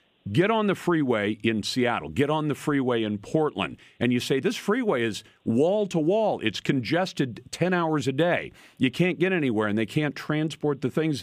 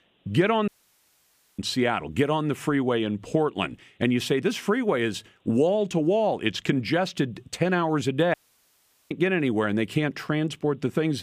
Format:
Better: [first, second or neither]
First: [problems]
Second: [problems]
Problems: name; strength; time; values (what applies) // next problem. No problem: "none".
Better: first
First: none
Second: audio cutting out; at 0.5 s for 1 s and at 8.5 s for 1 s